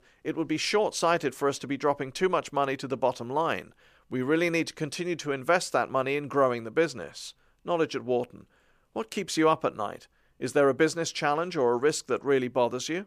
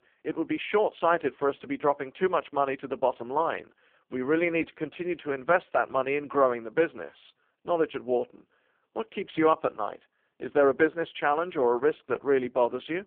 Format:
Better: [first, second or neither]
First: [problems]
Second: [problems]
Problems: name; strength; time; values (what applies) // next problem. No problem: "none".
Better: first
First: none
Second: phone-call audio; poor line